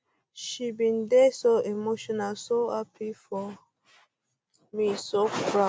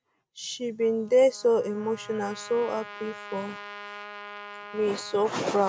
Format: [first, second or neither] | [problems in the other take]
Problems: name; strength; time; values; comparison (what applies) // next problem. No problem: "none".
first | background sound (Trumpet); 16 dB below the speech